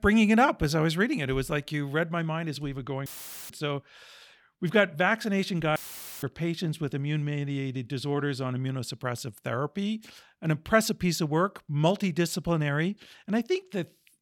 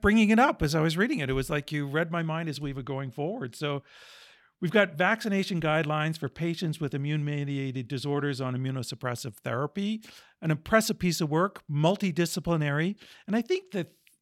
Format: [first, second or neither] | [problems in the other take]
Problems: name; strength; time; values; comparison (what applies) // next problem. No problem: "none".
second | audio cutting out; filled with static; at 3 s and at 6 s